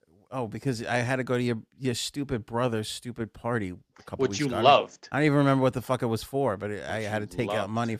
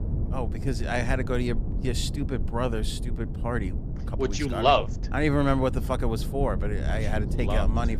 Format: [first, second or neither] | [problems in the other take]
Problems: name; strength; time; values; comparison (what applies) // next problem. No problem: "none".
first | low rumble; noticeable; throughout; 15 dB below the speech